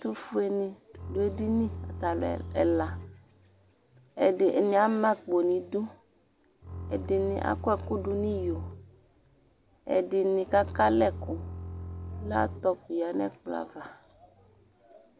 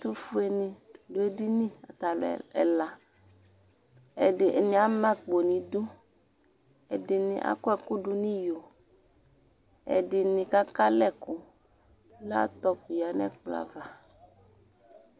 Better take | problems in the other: second | background sound (Bowed string instrument); 9 dB below the speech

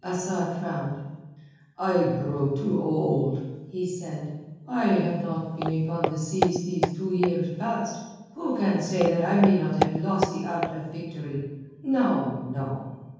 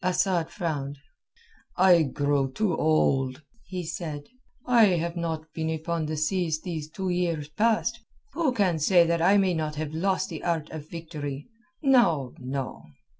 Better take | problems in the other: second | background sound (Walk, footsteps); 5 dB below the speech // room echo; dies away in 1.3 s

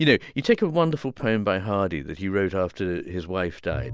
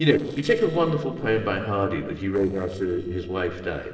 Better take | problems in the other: first | noise reduction (neural separator model SepFormer DNS4)

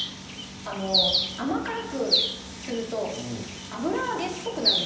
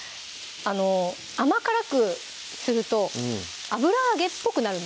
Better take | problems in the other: second | background sound (Bird); 2 dB above the speech // room echo; dies away in 0.9 s

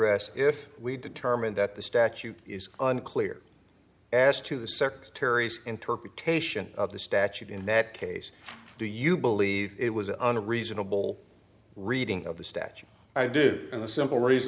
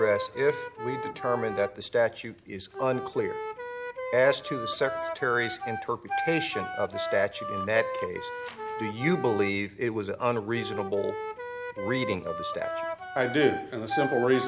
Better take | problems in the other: first | background sound (Wind instrument, woodwind instrument); 6 dB below the speech

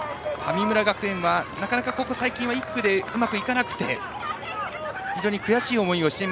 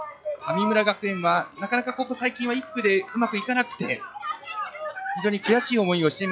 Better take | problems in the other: first | noise reduction (classical method log-MMSE)

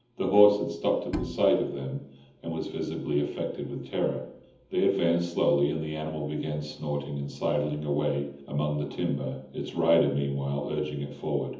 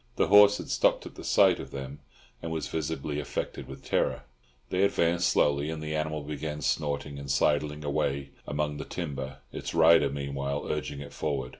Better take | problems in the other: second | background sound (Bowed string instrument); 11 dB below the speech // room echo; dies away in 0.8 s

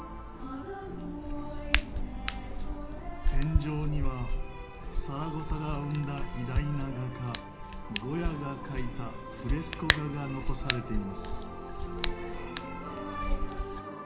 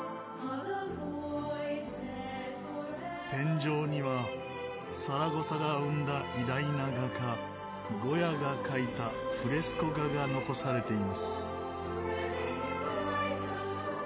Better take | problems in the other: second | background sound (Hands); 3 dB above the speech // room echo; dies away in 0.4 s

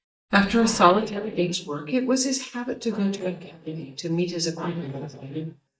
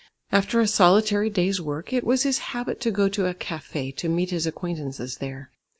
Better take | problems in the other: second | noise reduction (neural mask model DeepFilterNet 3)

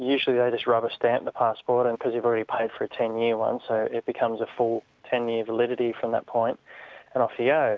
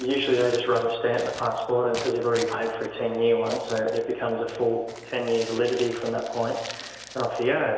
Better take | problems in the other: first | background sound (Crumpling, crinkling); 17 dB below the speech // room echo; dies away in 1.5 s

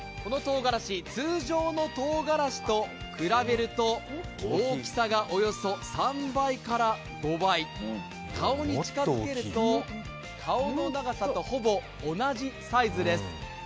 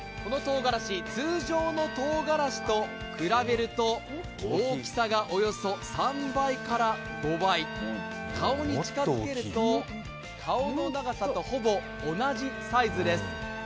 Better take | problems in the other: first | background sound (Bowed string instrument); 12 dB below the speech

